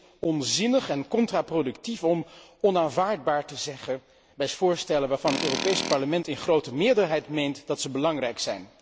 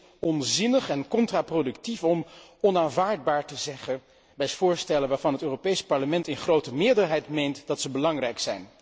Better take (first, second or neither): second